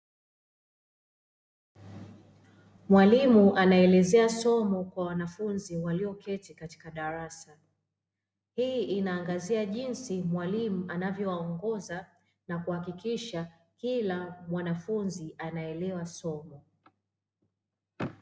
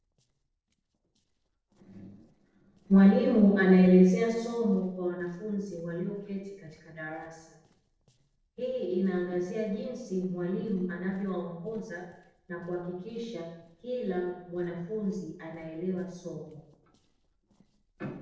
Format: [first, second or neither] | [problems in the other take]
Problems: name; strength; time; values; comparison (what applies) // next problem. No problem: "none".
first | noise reduction (neural separator model SepFormer DNS4)